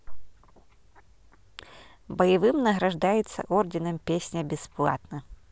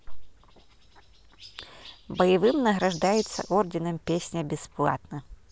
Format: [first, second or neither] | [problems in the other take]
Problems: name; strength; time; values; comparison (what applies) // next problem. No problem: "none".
first | background sound (Chirp, tweet); 20 dB below the speech